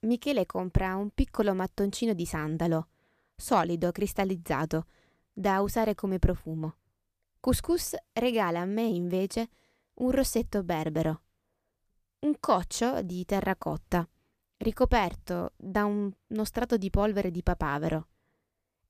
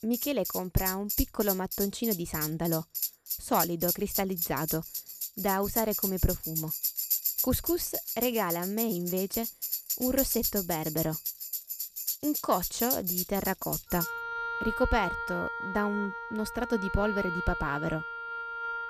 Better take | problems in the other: first | background music; loud; throughout; 1 dB below the speech

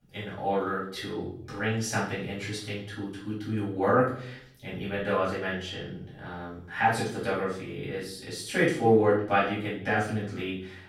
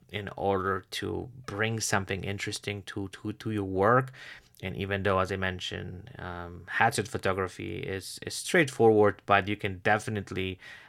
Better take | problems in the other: second | off-mic speech; far // room echo; noticeable; dies away in 0.6 s

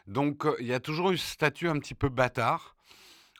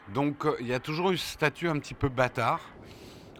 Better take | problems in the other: first | train or aircraft noise; faint; throughout; 20 dB below the speech

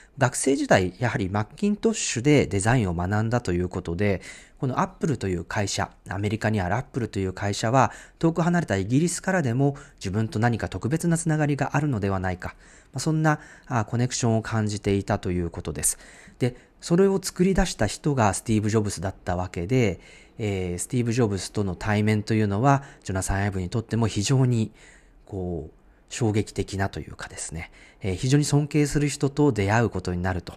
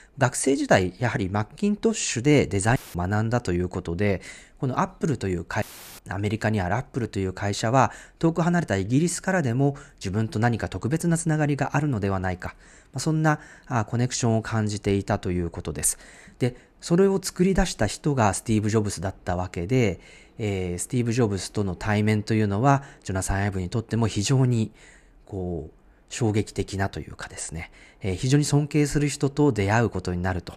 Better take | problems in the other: first | audio cutting out; filled with static; at 3 s and at 5.5 s

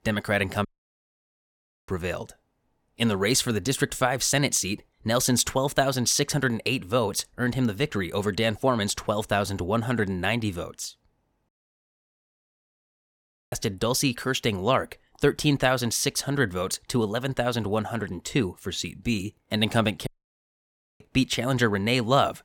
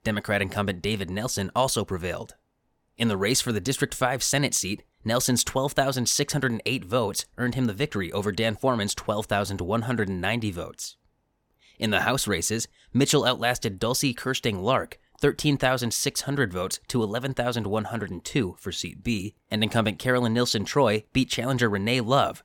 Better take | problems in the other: second | audio cutting out; at 0.5 s for 1 s, at 11 s for 2 s and at 20 s for 1 s

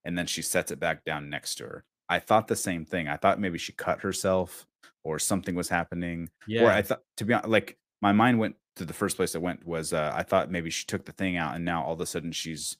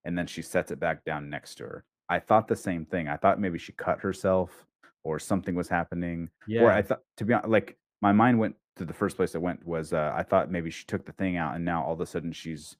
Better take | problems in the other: first | muffled; slightly; fading above 2.5 kHz

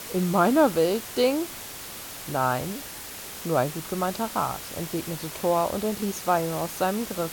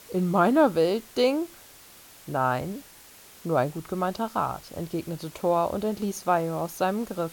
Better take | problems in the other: second | hiss; loud; throughout; 10 dB below the speech; faint in the second

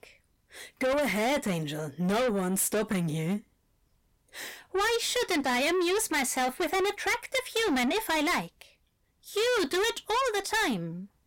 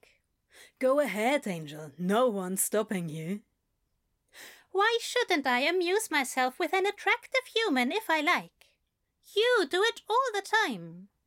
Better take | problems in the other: second | distortion; heavy; 6 dB below the speech

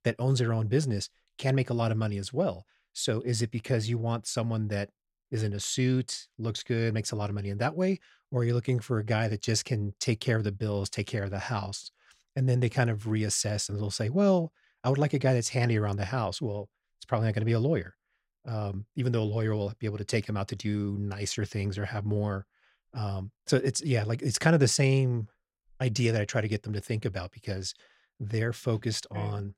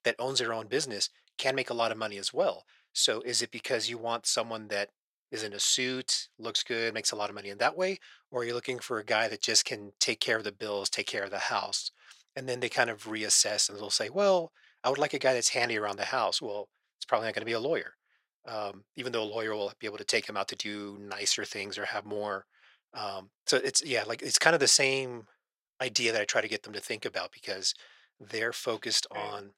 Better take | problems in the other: first | thin; very; fading below 550 Hz

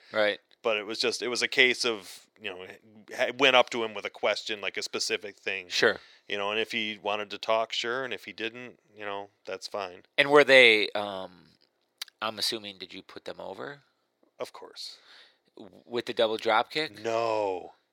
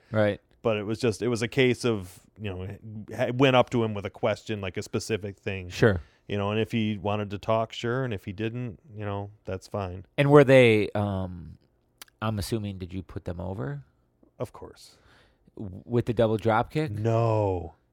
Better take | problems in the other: second | thin; somewhat; fading below 450 Hz

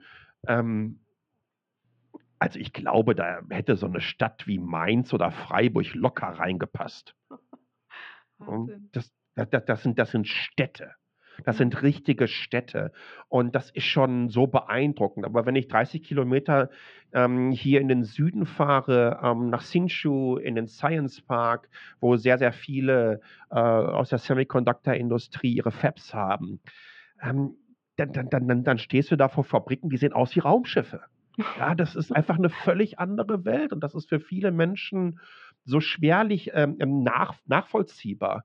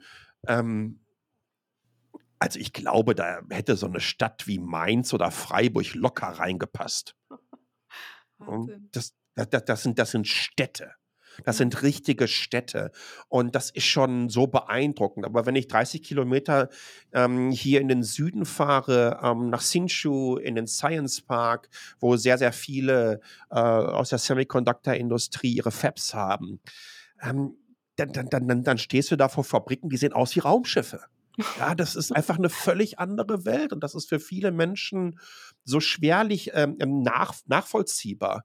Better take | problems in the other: second | muffled; very; fading above 3 kHz

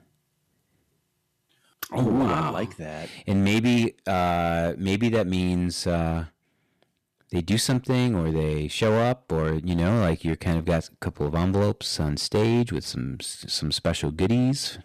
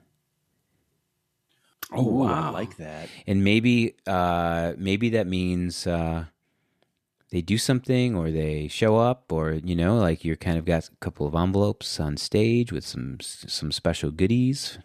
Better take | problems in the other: second | distortion; slight; 7% of the sound clipped

